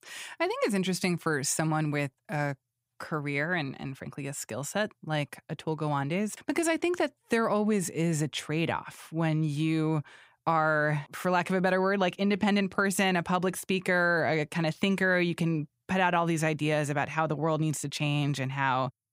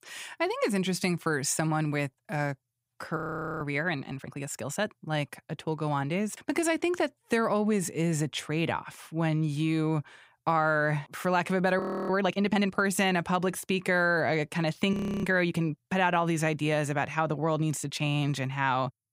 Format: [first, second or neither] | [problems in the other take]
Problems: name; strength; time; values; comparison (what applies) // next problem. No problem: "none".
first | audio freezing; at 3 s, at 12 s and at 15 s